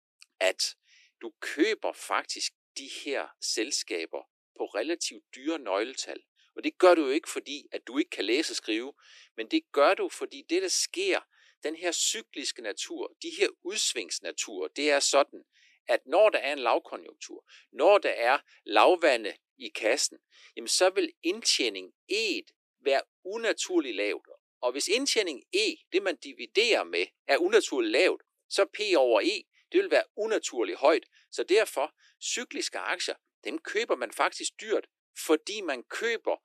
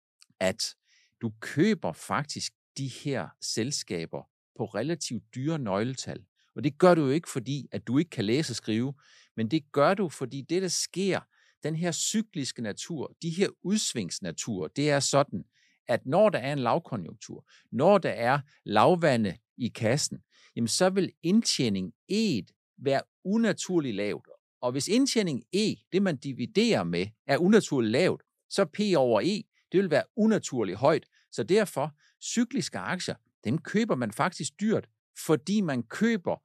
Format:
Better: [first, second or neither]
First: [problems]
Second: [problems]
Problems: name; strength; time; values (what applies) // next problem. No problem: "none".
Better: second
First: thin; very; fading below 300 Hz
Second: none